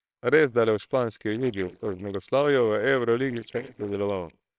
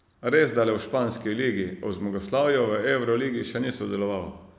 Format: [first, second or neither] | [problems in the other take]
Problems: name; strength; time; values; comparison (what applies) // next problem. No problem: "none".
second | noise reduction (neural separator model SepFormer WHAMR!)